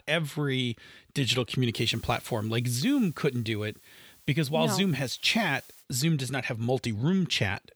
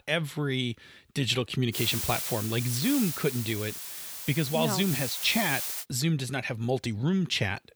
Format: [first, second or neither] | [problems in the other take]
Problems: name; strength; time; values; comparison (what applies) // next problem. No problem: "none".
first | hiss; loud; from 2 to 6 s; 4 dB below the speech; faint in the first